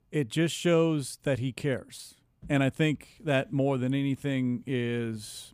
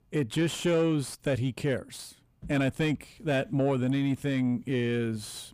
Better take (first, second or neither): first